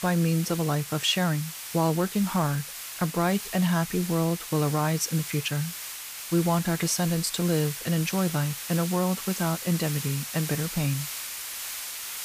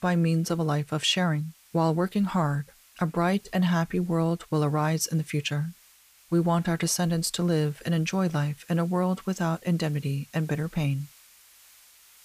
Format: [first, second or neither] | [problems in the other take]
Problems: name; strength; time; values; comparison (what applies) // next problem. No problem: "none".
second | hiss; loud; throughout; 7 dB below the speech; faint in the second